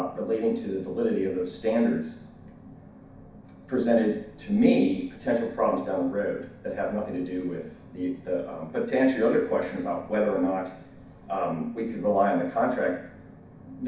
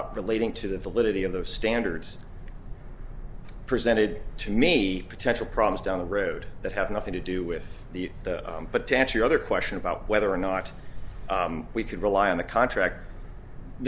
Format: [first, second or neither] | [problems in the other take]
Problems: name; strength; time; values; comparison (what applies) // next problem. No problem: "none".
second | room echo; dies away in 0.6 s